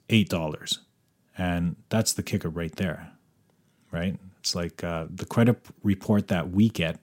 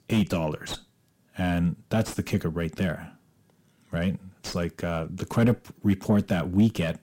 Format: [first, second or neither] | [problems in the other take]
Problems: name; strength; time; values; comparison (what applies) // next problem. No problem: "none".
first | distortion; slight; 9 dB below the speech